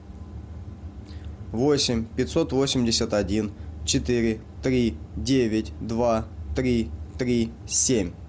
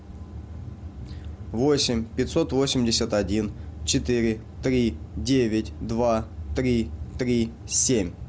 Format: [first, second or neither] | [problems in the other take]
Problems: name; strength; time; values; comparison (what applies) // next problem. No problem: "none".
first | background sound (Bass guitar); 20 dB below the speech